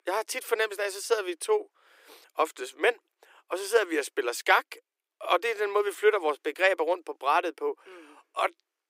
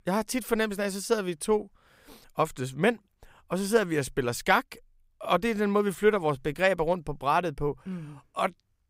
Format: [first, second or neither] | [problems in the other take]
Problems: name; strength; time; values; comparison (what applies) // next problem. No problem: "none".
second | thin; very; fading below 300 Hz